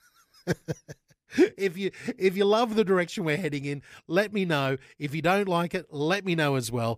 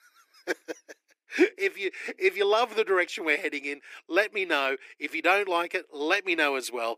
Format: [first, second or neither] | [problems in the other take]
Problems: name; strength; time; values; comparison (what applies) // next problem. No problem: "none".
first | thin; somewhat; fading below 300 Hz